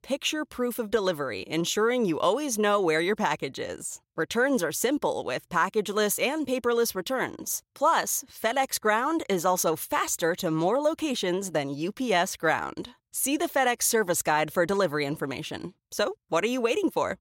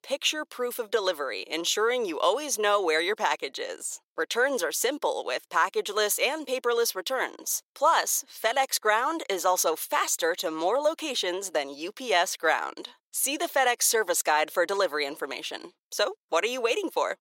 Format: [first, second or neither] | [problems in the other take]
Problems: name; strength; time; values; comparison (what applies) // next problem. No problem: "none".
first | thin; somewhat; fading below 400 Hz